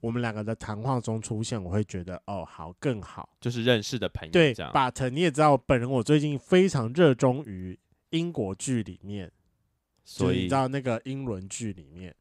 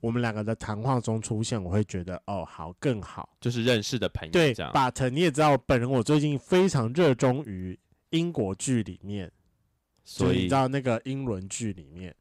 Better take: first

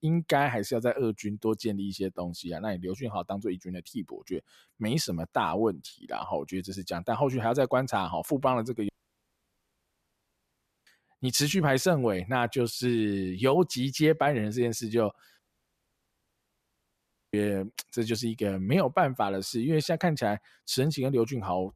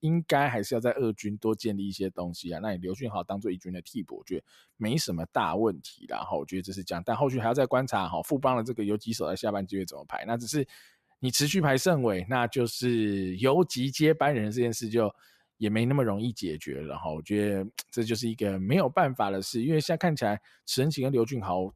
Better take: second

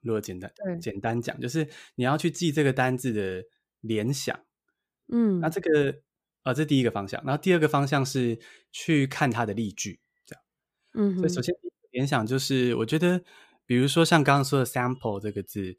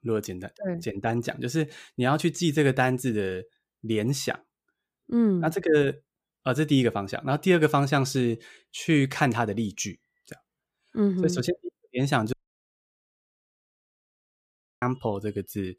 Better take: first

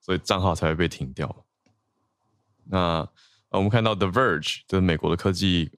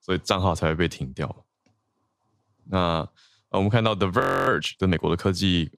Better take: first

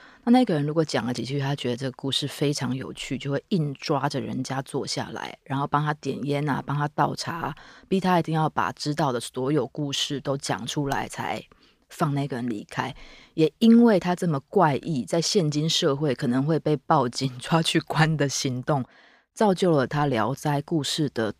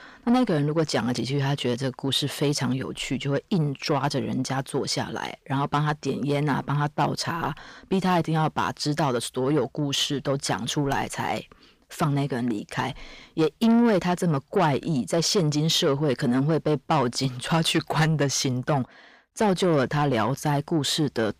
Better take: first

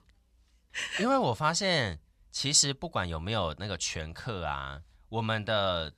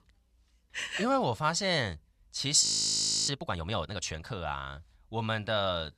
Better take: first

